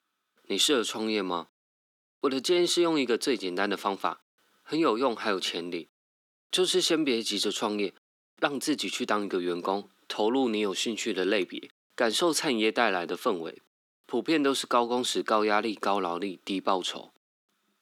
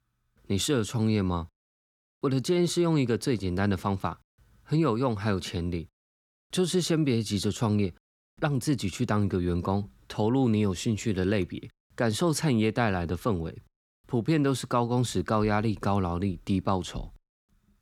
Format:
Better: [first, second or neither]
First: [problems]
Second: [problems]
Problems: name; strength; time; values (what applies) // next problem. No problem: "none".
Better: second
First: thin; somewhat; fading below 300 Hz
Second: none